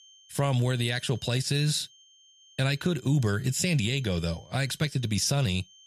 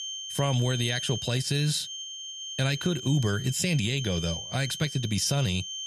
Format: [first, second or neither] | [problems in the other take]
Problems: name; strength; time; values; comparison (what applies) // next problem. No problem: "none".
first | high-pitched whine; loud; throughout; 3 kHz, 8 dB below the speech; faint in the first